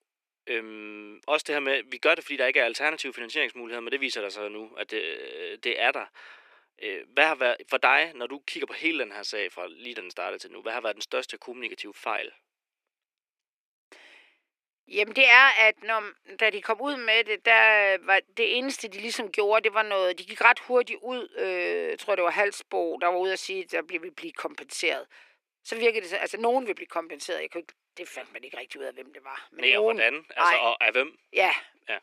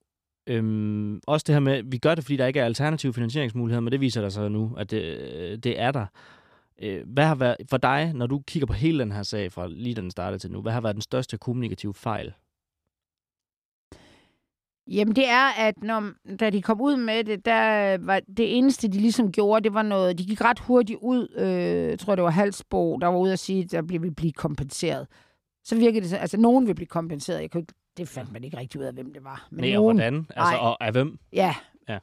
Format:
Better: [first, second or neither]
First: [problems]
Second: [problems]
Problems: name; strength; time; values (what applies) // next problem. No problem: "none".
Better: second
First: thin; very; fading below 350 Hz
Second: none